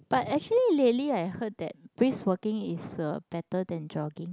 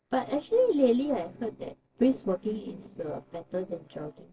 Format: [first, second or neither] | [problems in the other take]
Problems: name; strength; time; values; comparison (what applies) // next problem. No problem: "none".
first | noise reduction (neural separator model SepFormer DNS4)